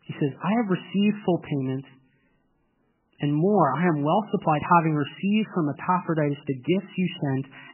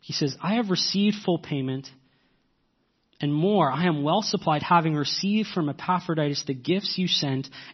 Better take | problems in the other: second | garbled, watery; badly; nothing above 3 kHz; slightly in the second

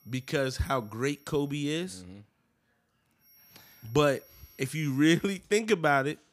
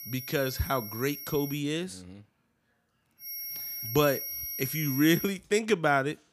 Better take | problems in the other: first | high-pitched whine; loud; until 1.5 s and from 3 to 5.5 s; 12 kHz, 7 dB below the speech; faint in the first

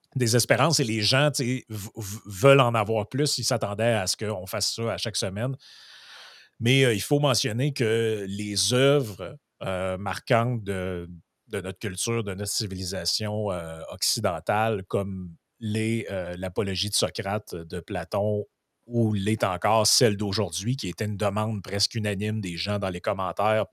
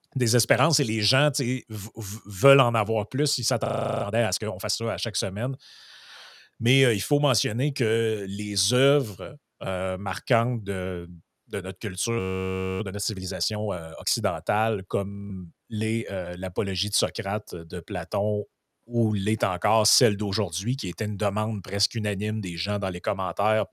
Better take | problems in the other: first | audio freezing; at 3.5 s, at 12 s for 0.5 s and at 15 s

